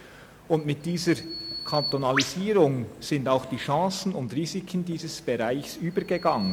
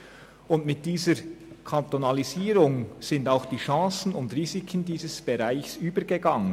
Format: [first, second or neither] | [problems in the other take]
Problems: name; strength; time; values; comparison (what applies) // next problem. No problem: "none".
second | background sound (Bird vocalization, bird call, bird song); 12 dB below the speech